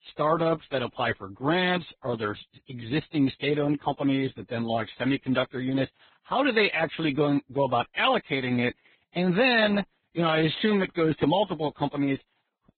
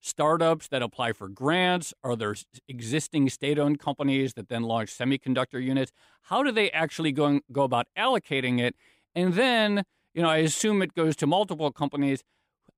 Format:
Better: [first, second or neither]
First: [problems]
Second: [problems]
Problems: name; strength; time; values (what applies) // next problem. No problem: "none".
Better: second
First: garbled, watery; badly; nothing above 4 kHz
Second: none